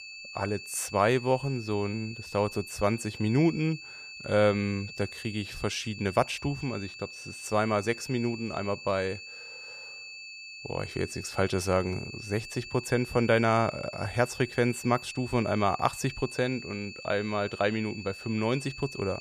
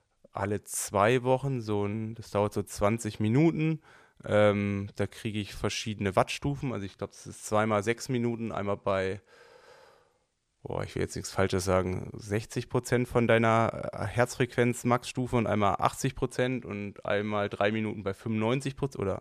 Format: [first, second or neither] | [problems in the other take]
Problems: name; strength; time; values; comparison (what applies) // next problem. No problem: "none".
second | high-pitched whine; noticeable; throughout; 2.5 kHz, 10 dB below the speech